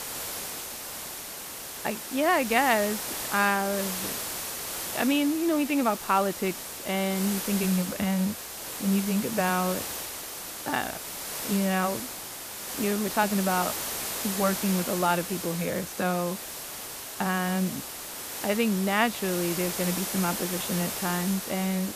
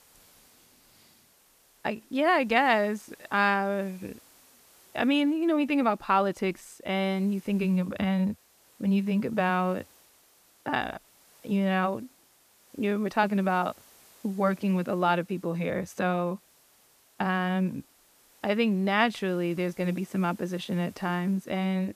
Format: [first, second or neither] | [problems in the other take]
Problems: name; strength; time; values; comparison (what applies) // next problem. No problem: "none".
second | hiss; loud; throughout; 5 dB below the speech; faint in the second